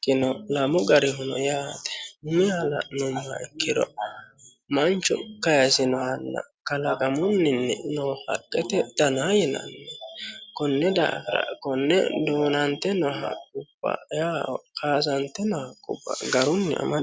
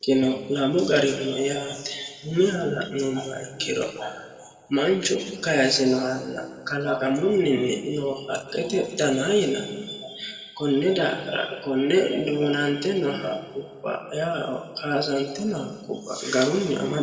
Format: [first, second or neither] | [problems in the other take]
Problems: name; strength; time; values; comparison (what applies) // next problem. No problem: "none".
first | room echo; dies away in 1.5 s